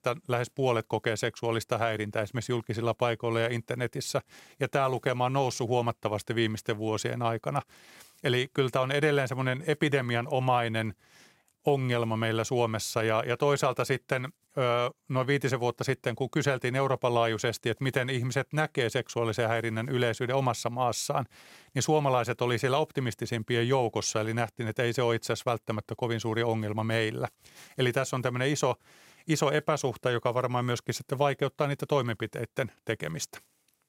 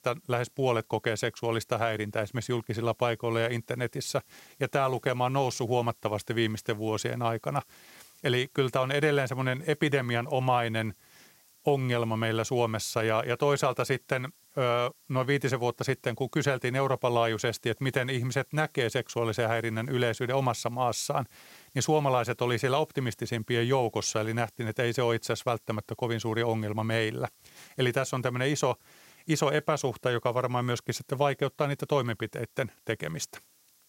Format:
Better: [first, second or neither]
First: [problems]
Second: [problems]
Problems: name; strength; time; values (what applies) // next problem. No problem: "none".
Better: first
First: none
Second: hiss; faint; throughout; 30 dB below the speech